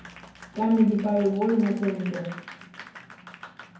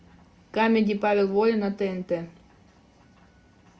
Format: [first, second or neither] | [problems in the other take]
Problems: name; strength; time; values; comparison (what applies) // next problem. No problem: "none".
second | background sound (Applause); 18 dB below the speech // room echo; dies away in 0.9 s